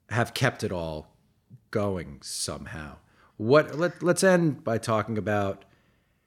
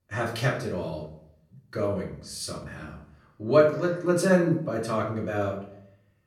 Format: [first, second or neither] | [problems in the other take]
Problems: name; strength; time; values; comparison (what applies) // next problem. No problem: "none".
first | room echo; slight; dies away in 0.5 s // off-mic speech; far